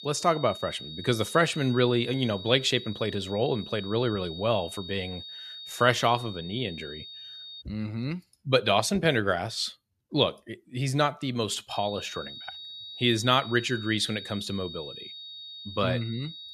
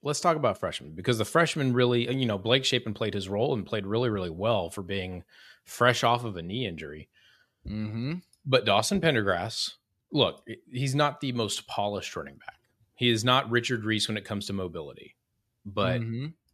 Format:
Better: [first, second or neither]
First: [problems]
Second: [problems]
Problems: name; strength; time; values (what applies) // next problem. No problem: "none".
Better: second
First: high-pitched whine; noticeable; until 7.5 s and from 12 s on; 4 kHz, 10 dB below the speech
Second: none